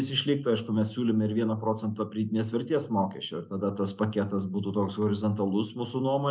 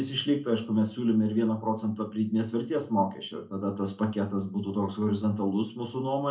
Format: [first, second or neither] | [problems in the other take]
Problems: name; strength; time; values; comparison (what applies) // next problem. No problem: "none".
first | room echo; dies away in 0.2 s